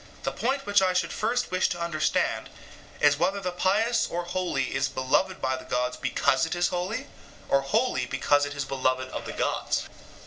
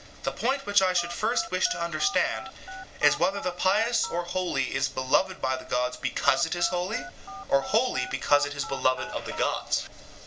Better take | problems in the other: first | background sound (Telephone); 13 dB below the speech

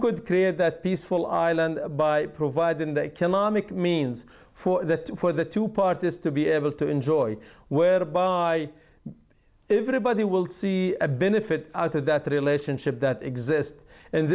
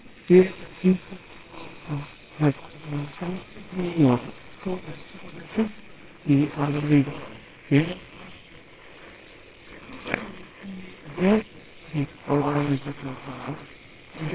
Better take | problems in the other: first | noise reduction (neural separator model SepFormer WHAMR!)

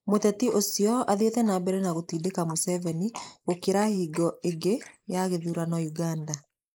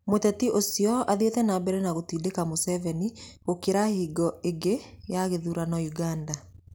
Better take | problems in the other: second | noise reduction (neural mask model Resemble Enhance denoiser)

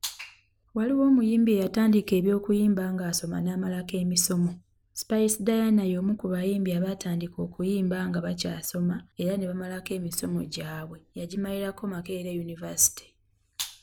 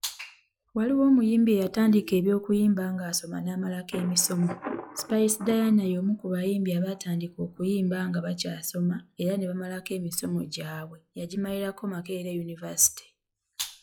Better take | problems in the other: first | noise reduction (classical method log-MMSE)

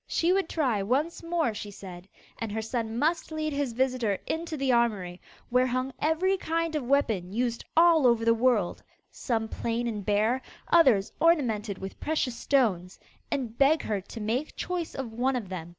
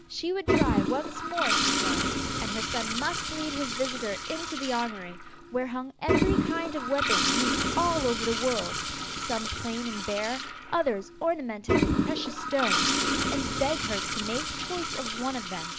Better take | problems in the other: first | background sound (Toilet flush); 3 dB above the speech

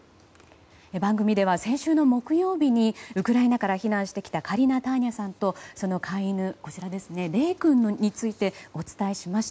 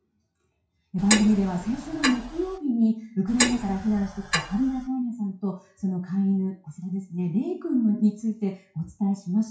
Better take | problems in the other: first | noise reduction (classical method WPE with log-MMSE)

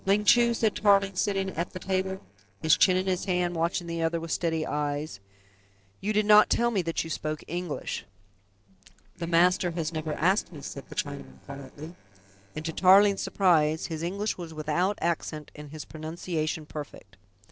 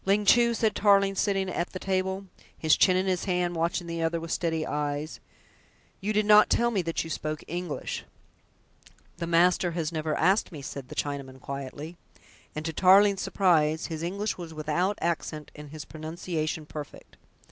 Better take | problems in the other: second | noise reduction (neural separator model SepFormer DNS4)

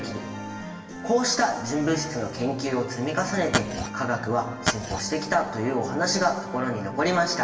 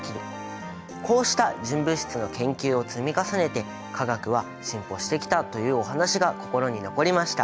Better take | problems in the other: second | background sound (Glass); 2 dB below the speech // room echo; dies away in 1.1 s

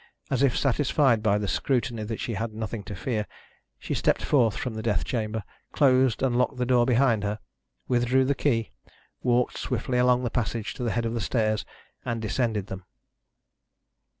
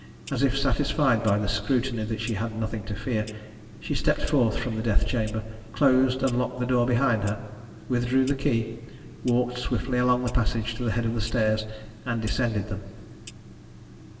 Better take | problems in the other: first | background sound (Clock); 19 dB below the speech // room echo; dies away in 2.7 s

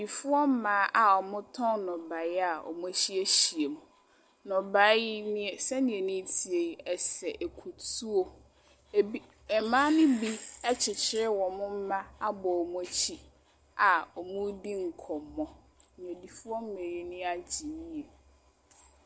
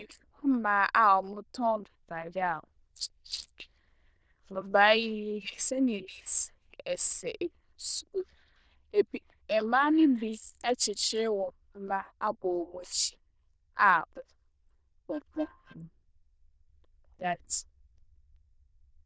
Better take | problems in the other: first | noise reduction (neural diffusion model UNIVERSE++)

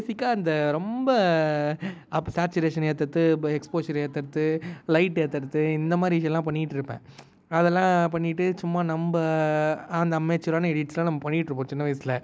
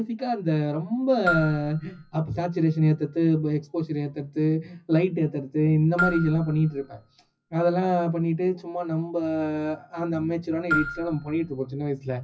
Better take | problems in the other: first | noise reduction (classical method WPE with log-MMSE)

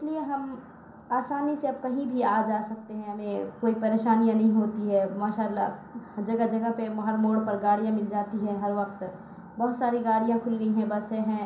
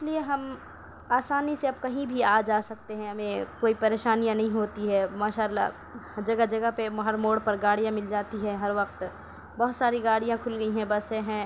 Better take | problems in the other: second | room echo; dies away in 0.6 s

